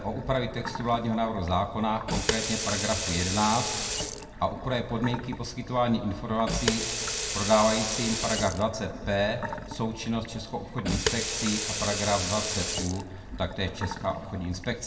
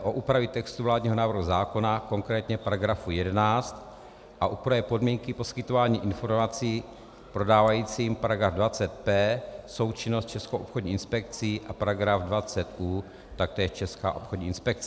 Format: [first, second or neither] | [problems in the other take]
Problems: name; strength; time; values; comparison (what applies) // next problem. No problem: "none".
second | background sound (Sink (filling or washing) / Water tap, faucet); 4 dB below the speech // room echo; dies away in 1.1 s